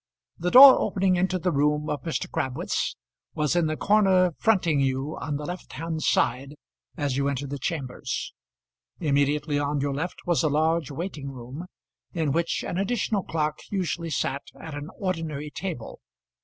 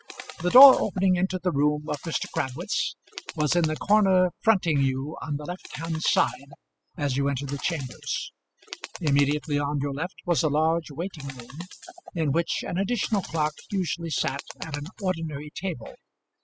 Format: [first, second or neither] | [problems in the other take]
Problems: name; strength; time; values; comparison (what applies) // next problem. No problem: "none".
first | noise reduction (classical method spectral subtraction)